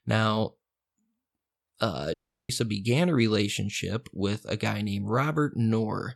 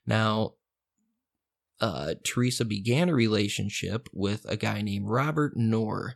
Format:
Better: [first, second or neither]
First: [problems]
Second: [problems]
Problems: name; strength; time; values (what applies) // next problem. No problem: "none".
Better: second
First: audio cutting out; at 2 s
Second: none